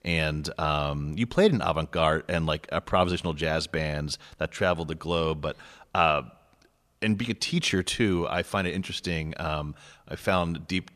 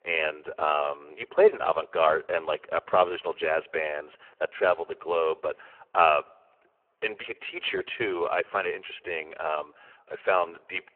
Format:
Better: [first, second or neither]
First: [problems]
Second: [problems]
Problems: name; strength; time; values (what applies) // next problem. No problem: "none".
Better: first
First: none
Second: phone-call audio; poor line